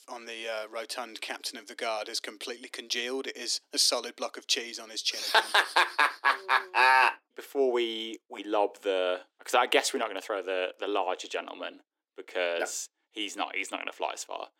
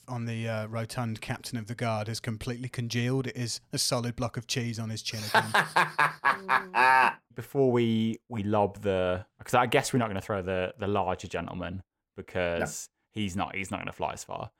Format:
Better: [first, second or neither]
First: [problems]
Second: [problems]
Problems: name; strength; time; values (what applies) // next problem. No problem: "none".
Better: second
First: thin; somewhat; fading below 300 Hz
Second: none